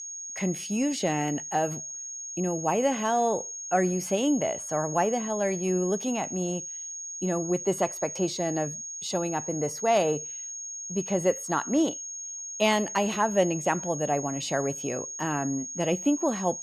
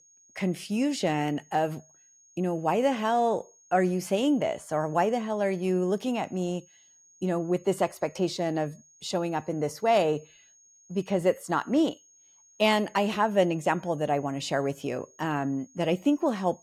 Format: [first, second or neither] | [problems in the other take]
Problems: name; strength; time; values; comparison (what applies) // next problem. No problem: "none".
second | high-pitched whine; loud; throughout; 6.5 kHz, 7 dB below the speech; faint in the second